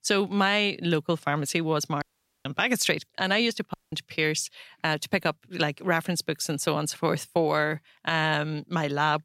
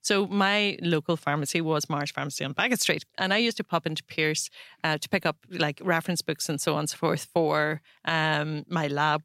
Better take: second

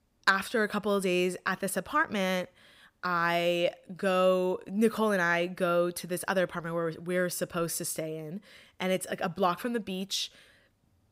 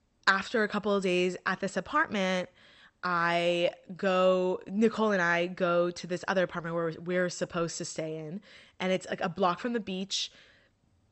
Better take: first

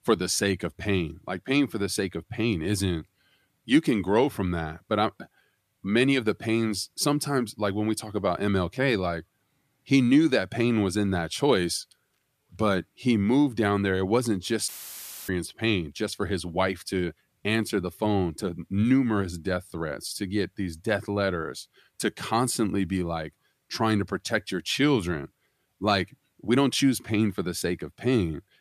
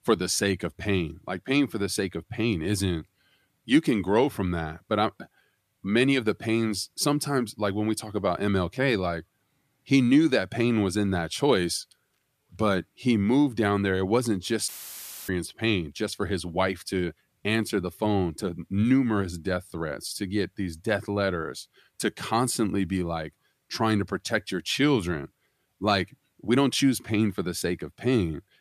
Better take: neither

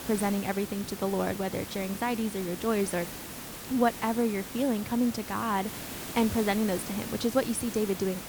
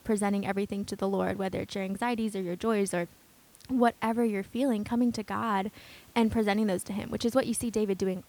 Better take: second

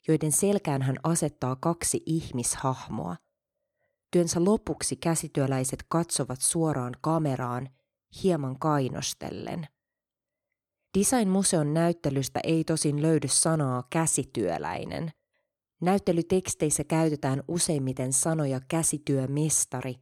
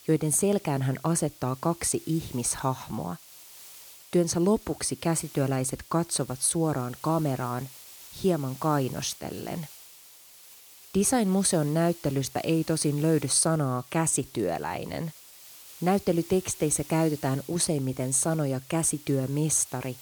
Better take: first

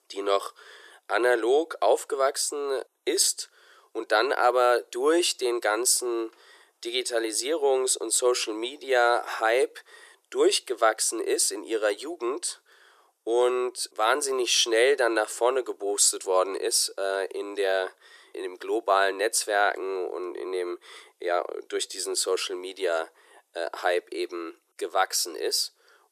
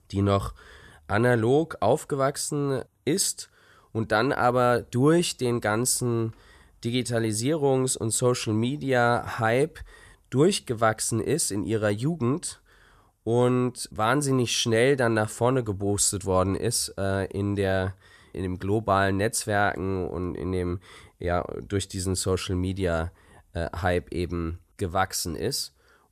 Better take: second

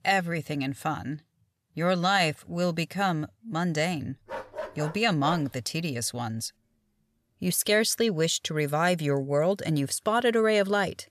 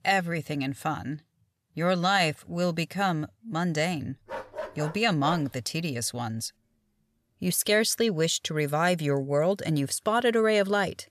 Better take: neither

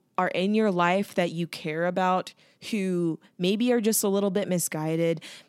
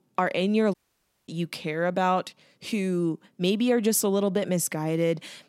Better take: first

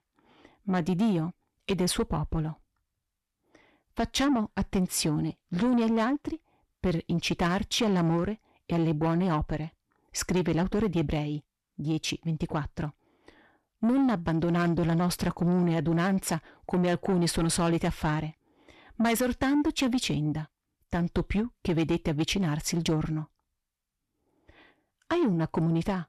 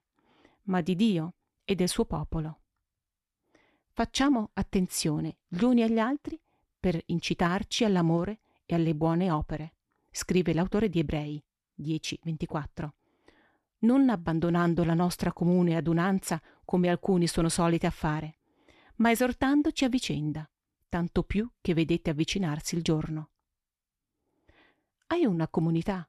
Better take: second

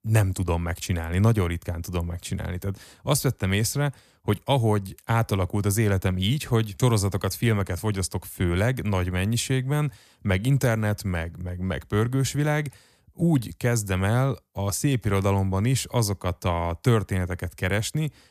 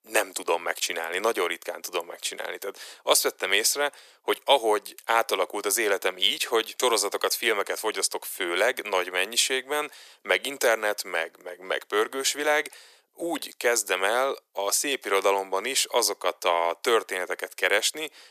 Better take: first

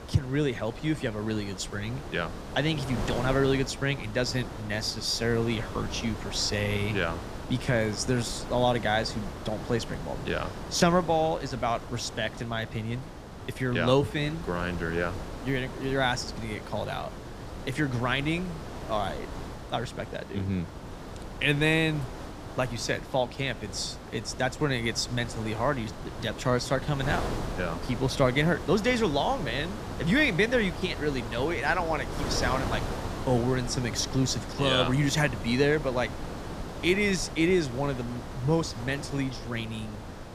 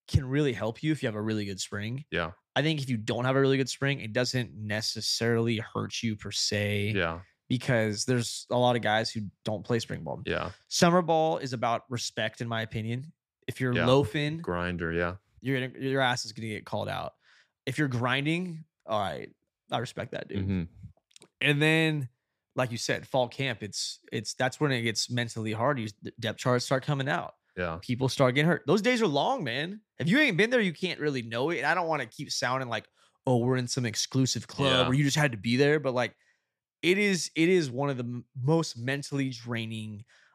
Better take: second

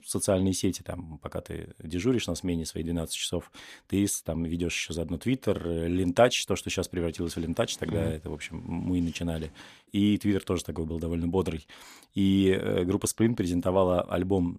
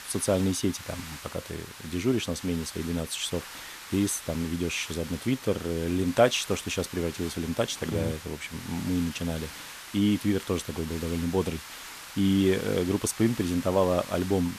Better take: first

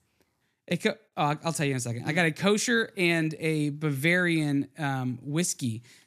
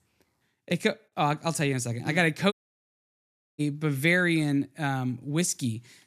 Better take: first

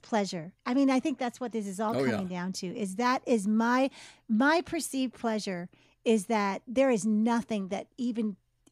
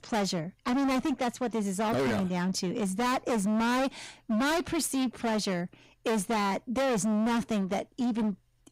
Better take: first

